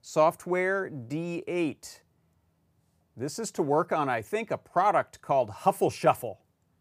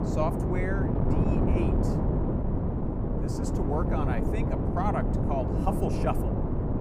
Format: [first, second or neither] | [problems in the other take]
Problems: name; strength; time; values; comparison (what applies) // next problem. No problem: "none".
first | wind noise on the microphone; heavy; as loud as the speech